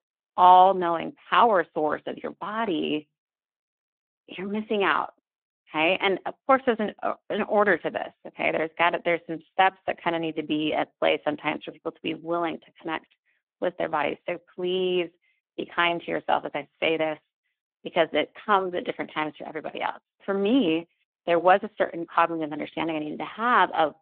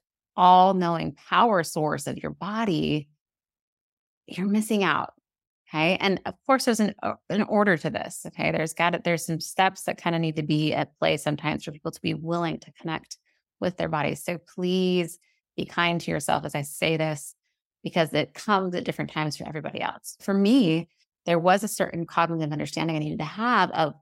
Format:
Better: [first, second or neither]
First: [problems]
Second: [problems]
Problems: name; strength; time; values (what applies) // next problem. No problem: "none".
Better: second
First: phone-call audio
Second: none